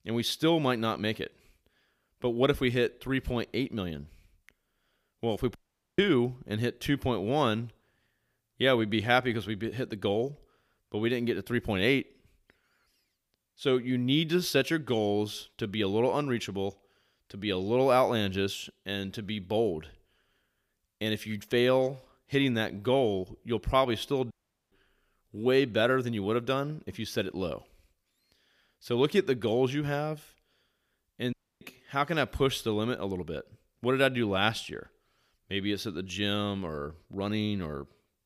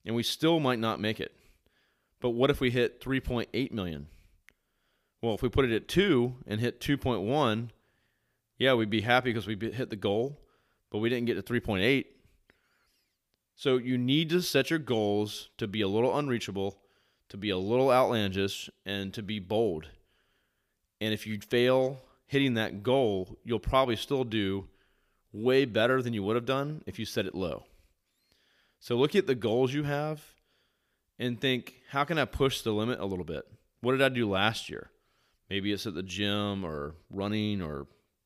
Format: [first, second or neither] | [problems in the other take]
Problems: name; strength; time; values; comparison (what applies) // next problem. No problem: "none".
second | audio cutting out; at 5.5 s, at 24 s and at 31 s